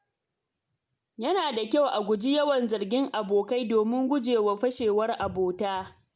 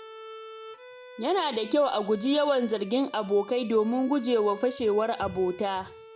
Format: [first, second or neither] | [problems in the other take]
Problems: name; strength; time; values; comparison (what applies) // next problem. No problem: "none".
first | background sound (Bowed string instrument); 19 dB below the speech